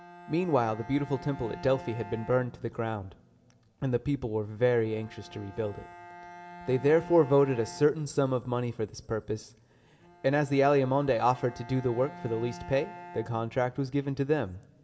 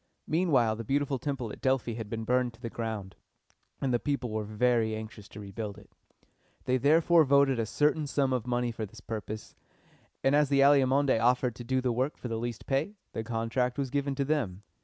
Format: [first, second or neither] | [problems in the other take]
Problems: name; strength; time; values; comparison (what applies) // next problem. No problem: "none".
second | background sound (Bowed string instrument); 18 dB below the speech // room echo; dies away in 0.5 s